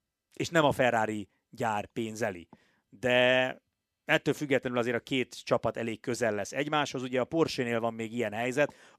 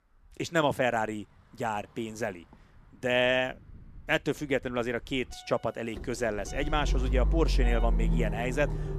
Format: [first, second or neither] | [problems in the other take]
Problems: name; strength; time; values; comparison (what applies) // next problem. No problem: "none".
first | traffic noise; loud; throughout; 1 dB below the speech